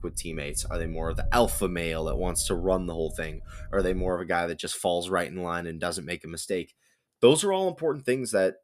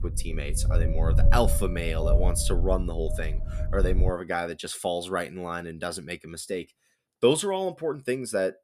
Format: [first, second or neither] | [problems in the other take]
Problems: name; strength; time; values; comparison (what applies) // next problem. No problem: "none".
first | wind noise on the microphone; heavy; until 4 s; 9 dB below the speech; occasional gusts in the first